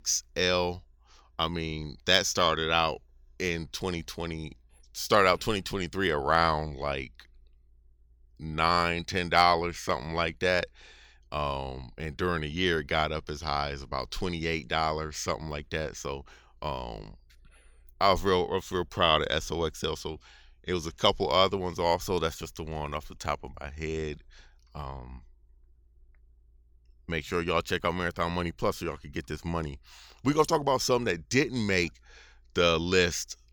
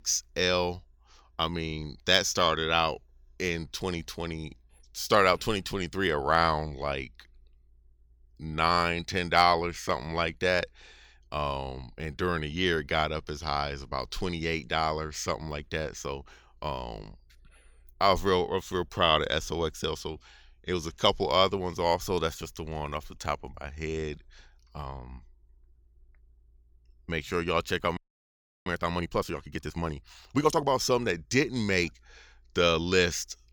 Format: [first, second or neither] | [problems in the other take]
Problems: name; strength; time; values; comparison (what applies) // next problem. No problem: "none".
first | audio freezing; at 28 s for 0.5 s